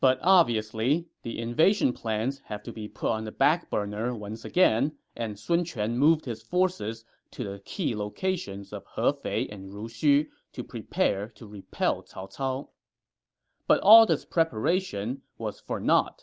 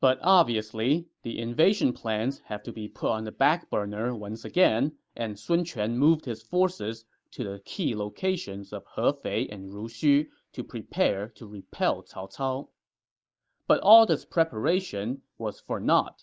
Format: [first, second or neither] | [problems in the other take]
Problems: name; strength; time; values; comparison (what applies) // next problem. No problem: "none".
first | noise reduction (neural mask model Resemble Enhance denoiser)